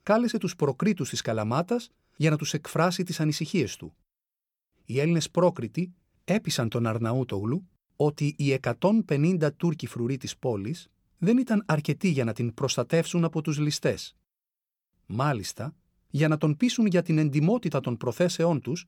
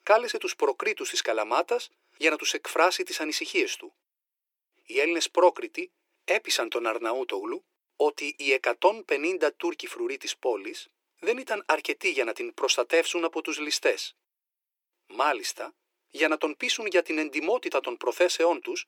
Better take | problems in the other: first | thin; very; fading below 350 Hz

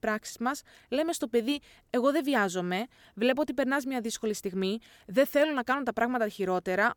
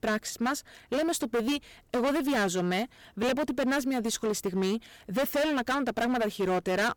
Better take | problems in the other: first | distortion; heavy; 19% of the sound clipped

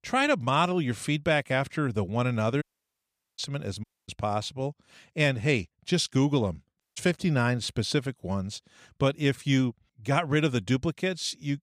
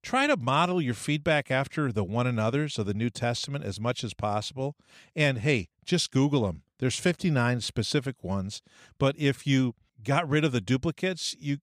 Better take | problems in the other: second | audio cutting out; at 2.5 s for 1 s, at 4 s and at 7 s

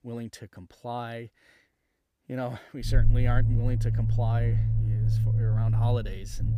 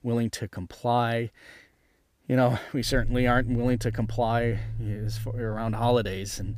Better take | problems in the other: second | low rumble; loud; from 3 s on; 2 dB below the speech; faint in the second

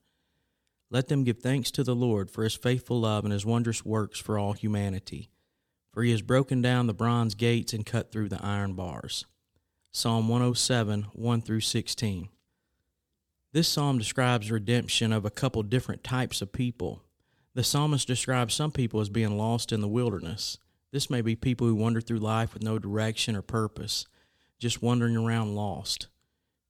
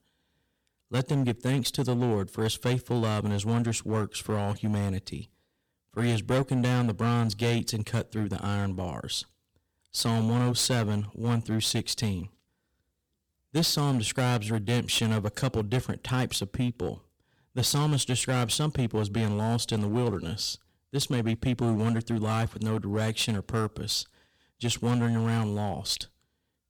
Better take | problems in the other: first | distortion; slight; 8% of the sound clipped

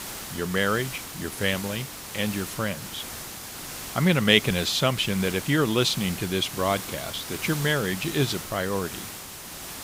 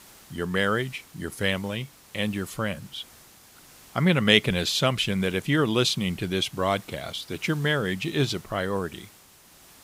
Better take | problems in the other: second | hiss; loud; throughout; 9 dB below the speech; faint in the second

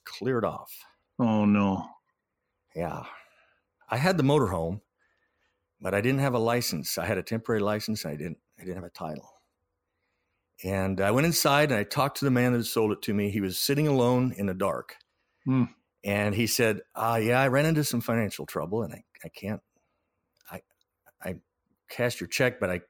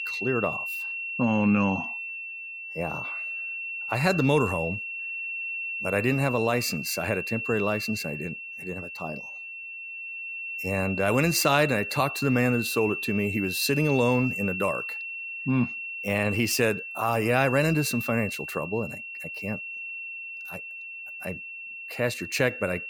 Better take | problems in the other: first | high-pitched whine; loud; throughout; 2.5 kHz, 6 dB below the speech

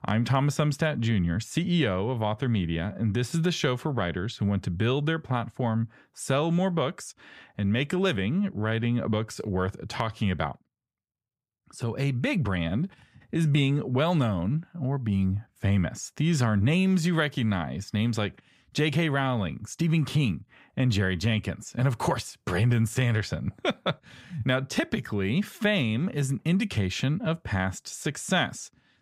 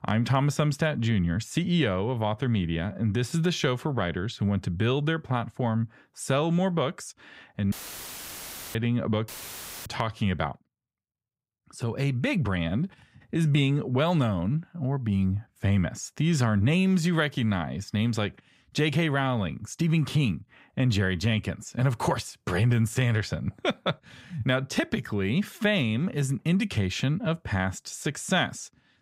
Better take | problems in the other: first | audio cutting out; filled with static; at 7.5 s for 1 s and at 9.5 s for 0.5 s

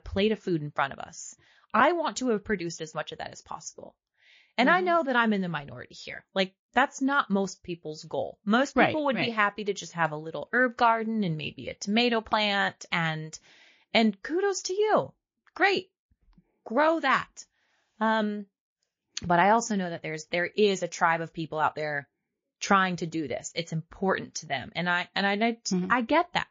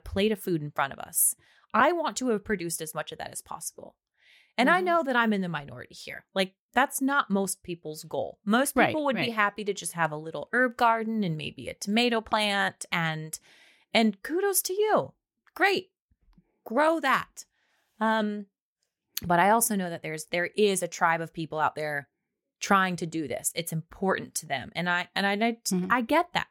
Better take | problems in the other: second | garbled, watery; slightly

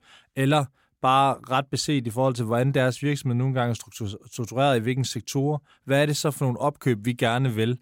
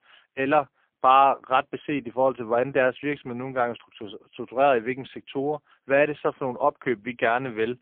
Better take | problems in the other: first | phone-call audio; poor line

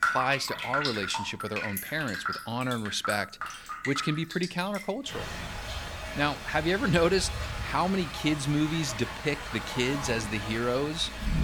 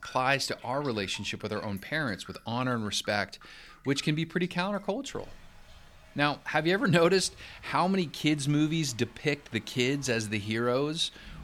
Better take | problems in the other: second | rain or running water; loud; throughout; 6 dB below the speech; faint in the second

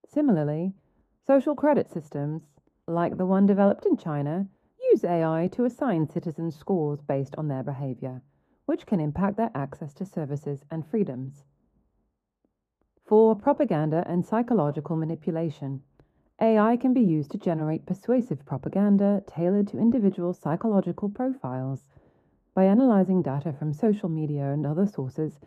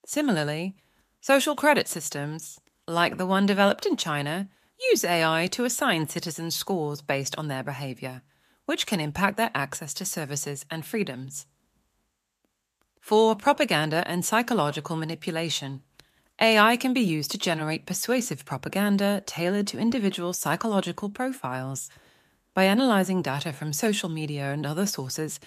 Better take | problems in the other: second | muffled; very; fading above 1.5 kHz

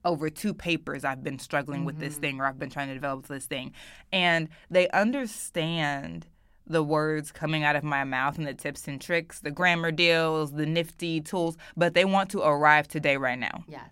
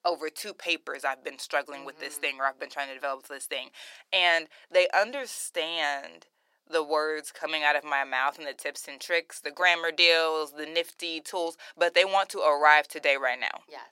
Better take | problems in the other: first | thin; very; fading below 450 Hz

